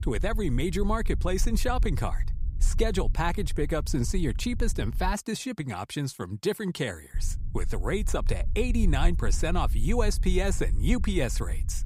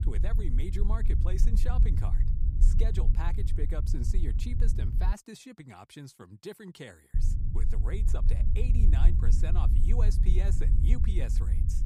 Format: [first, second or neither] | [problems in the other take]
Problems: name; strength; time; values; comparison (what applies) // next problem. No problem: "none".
first | low rumble; loud; until 5 s and from 7 s on; 3 dB below the speech; faint in the first